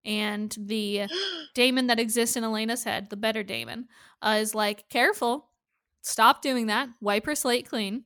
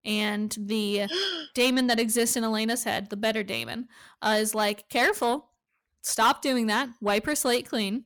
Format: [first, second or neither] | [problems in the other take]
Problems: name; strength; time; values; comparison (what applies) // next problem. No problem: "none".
first | distortion; slight; 10 dB below the speech